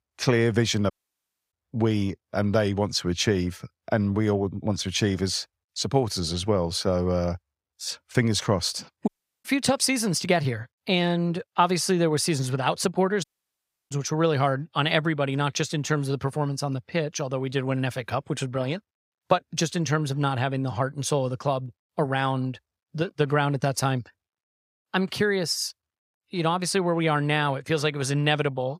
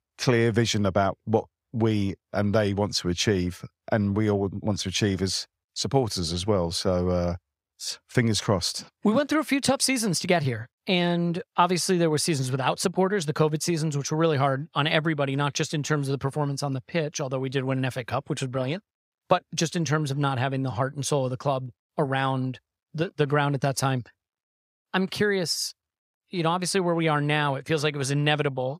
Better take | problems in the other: second | audio cutting out; at 1 s for 0.5 s, at 9 s and at 13 s for 0.5 s

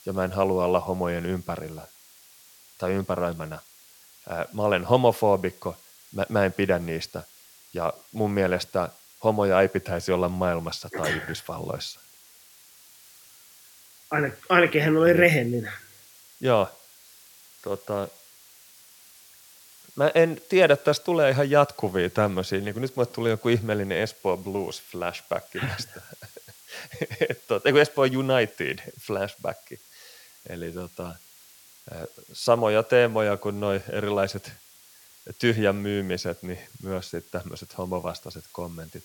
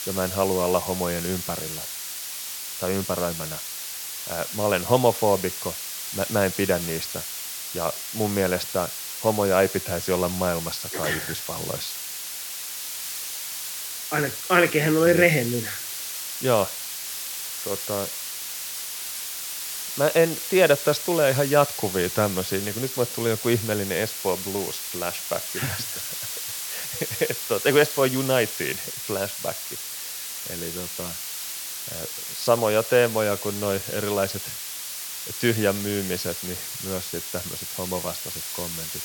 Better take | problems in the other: first | hiss; loud; throughout; 5 dB below the speech; faint in the first

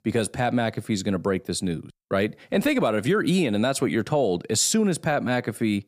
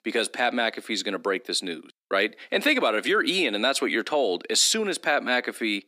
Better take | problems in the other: first | thin; somewhat; fading below 250 Hz

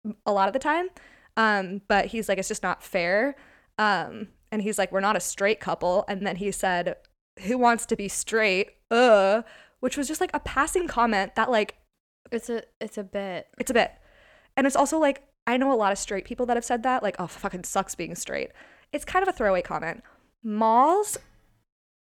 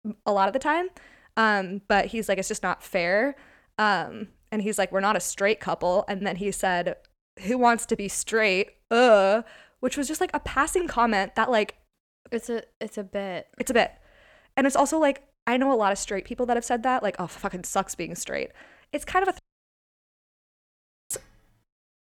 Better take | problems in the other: first | audio cutting out; at 19 s for 1.5 s

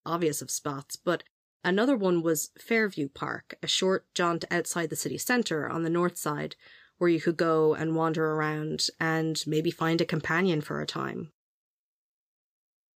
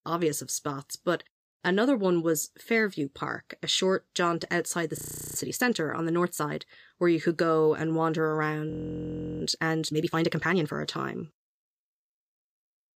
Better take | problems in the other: first | audio freezing; at 5 s and at 8.5 s for 0.5 s

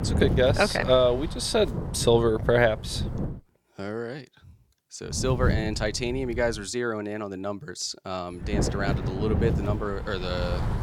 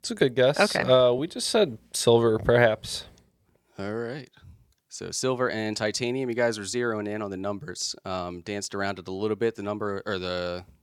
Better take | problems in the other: second | wind noise on the microphone; occasional gusts; until 3.5 s, from 5 to 6.5 s and from 8.5 s on; 10 dB below the speech

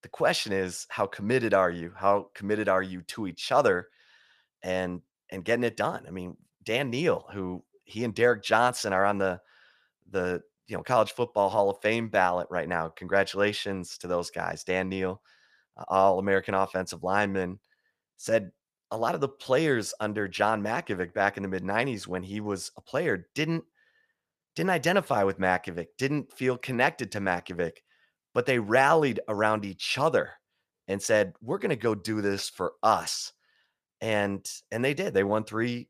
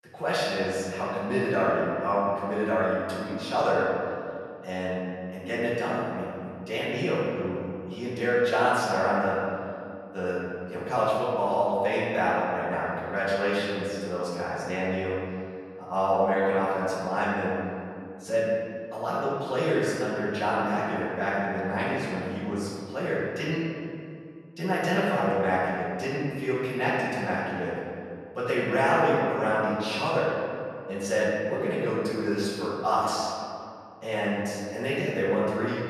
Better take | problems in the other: first | off-mic speech; far // room echo; strong; dies away in 2.2 s

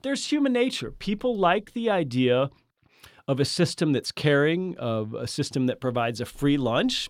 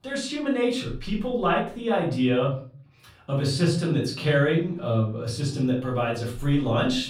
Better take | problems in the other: first | off-mic speech; far // room echo; slight; dies away in 0.4 s

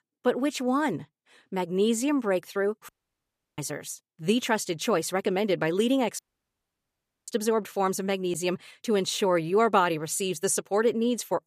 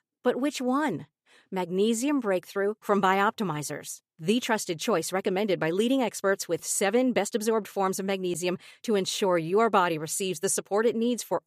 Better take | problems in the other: second | audio cutting out; at 3 s for 0.5 s and at 6 s for 1 s

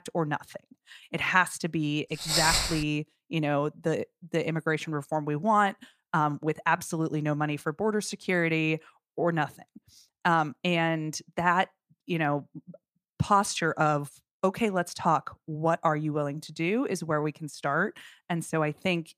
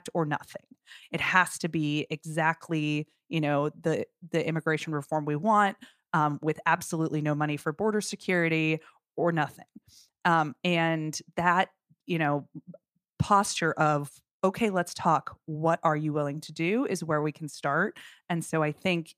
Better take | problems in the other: second | footsteps; loud; at 2 s; peak 5 dB above the speech

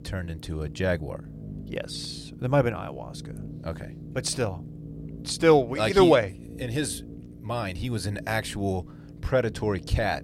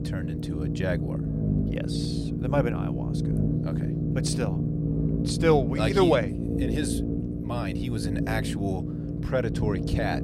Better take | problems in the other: first | low rumble; loud; throughout; 6 dB below the speech; faint in the first

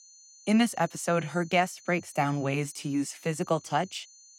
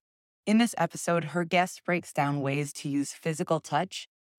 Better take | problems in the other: second | high-pitched whine; faint; throughout; 6 kHz, 20 dB below the speech

